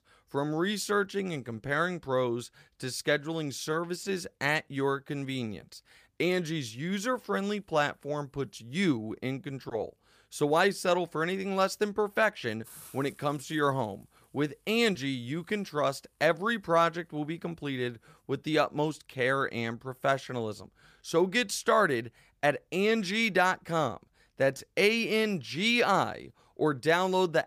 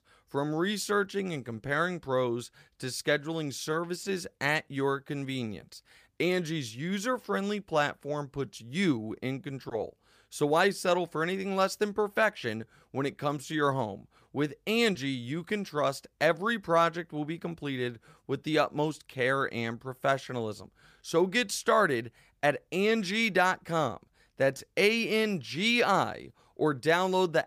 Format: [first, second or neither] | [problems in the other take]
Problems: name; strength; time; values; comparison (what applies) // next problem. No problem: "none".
second | hiss; faint; from 6.5 to 19 s; 25 dB below the speech